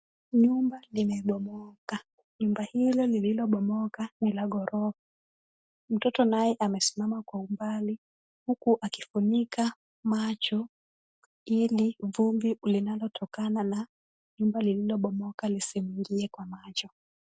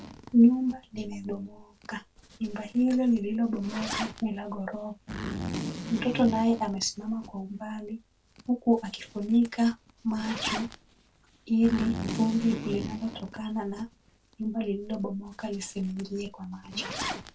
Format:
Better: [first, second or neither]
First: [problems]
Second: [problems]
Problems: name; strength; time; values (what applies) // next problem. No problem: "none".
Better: first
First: none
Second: background sound (Zipper (clothing)); 11 dB below the speech // room echo; dies away in 0.1 s